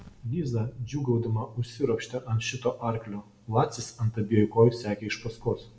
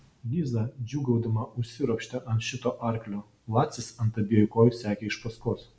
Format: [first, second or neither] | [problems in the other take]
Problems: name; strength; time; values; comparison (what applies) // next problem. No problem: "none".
second | room echo; dies away in 0.8 s